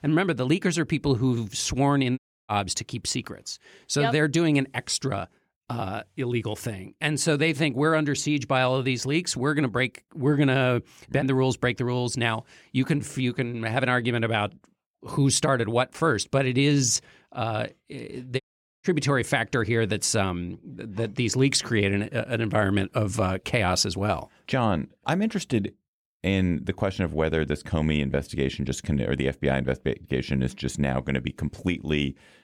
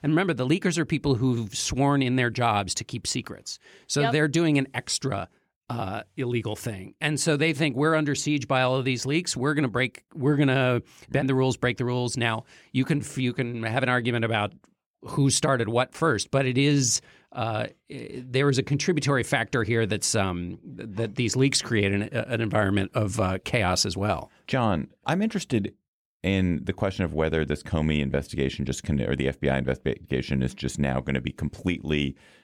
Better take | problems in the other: second | audio cutting out; at 2 s and at 18 s

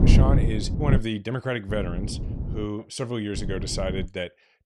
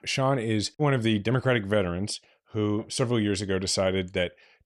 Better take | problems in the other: second | wind noise on the microphone; heavy; at the start, at 1.5 s and at 3.5 s; 5 dB below the speech

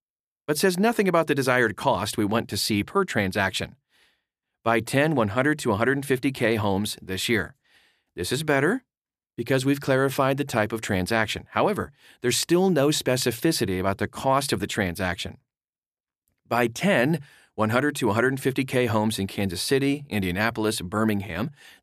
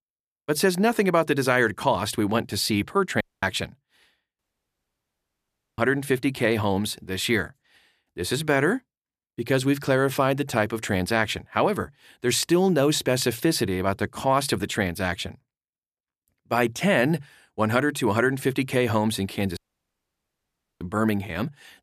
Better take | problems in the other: first | audio cutting out; at 3 s, at 4.5 s for 1.5 s and at 20 s for 1 s

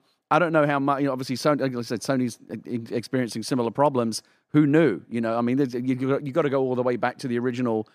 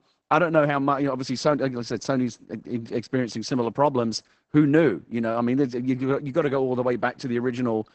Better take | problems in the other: first | garbled, watery; badly; nothing above 7.5 kHz

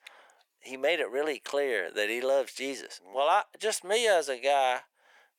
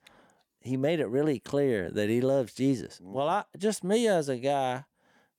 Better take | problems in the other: second | thin; very; fading below 550 Hz

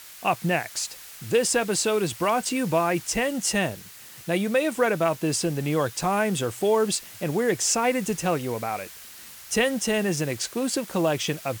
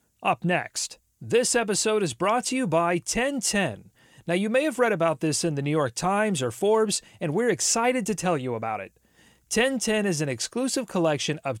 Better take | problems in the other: second | hiss; noticeable; throughout; 15 dB below the speech

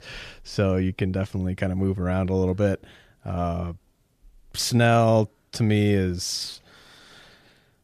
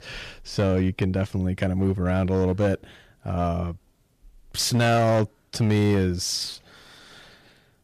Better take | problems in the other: first | distortion; slight; 6% of the sound clipped

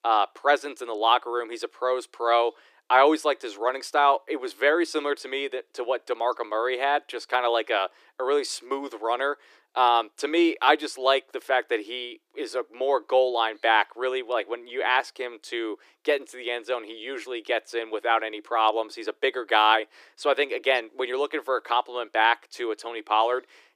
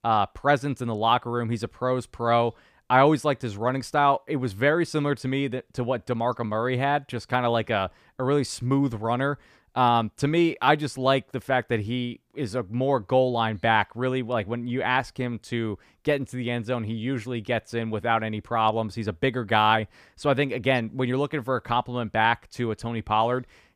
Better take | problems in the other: second | thin; very; fading below 300 Hz

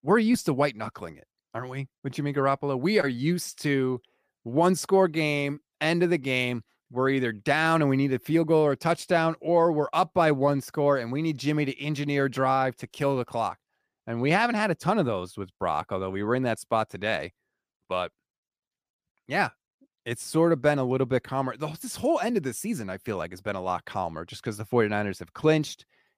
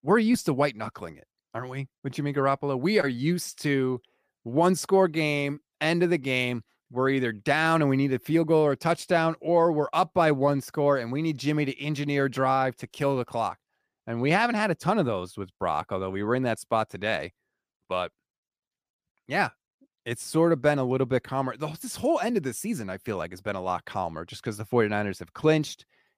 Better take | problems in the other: neither | none

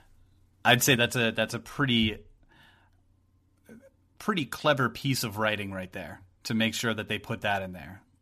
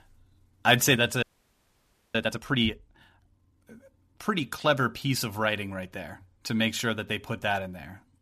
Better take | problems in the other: first | audio freezing; at 1 s for 1 s

